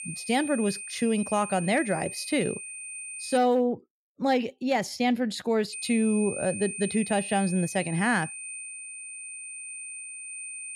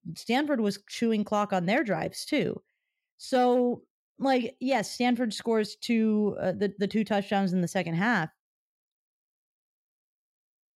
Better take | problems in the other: second | high-pitched whine; loud; until 3.5 s and from 5.5 s on; 9 kHz, 9 dB below the speech

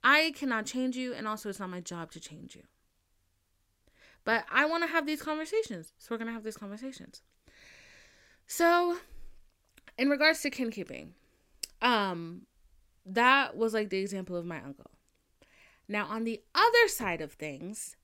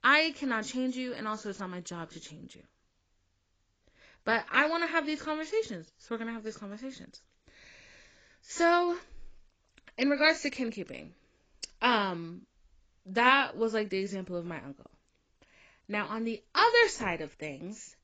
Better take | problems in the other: first | garbled, watery; badly; nothing above 7.5 kHz

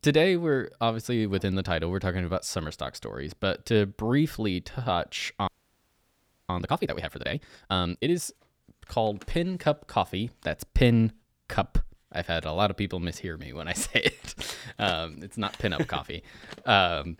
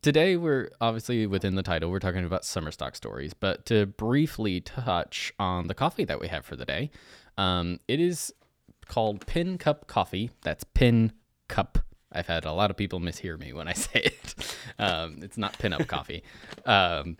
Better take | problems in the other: second | audio freezing; at 5.5 s for 1 s

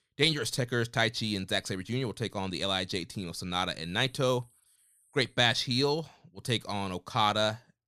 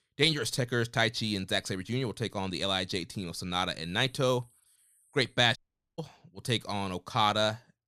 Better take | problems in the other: first | audio cutting out; at 5.5 s

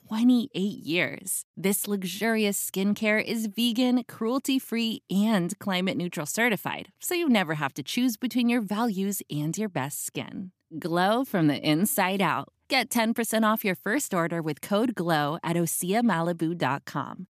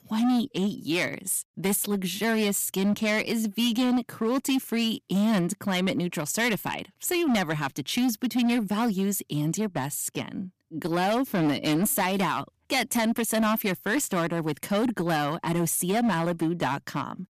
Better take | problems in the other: first | distortion; slight; 13% of the sound clipped

